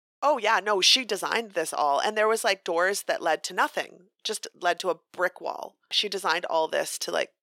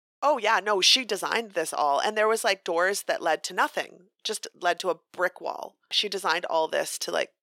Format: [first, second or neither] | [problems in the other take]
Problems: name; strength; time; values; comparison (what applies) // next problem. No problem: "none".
neither | thin; somewhat; fading below 350 Hz; the same in both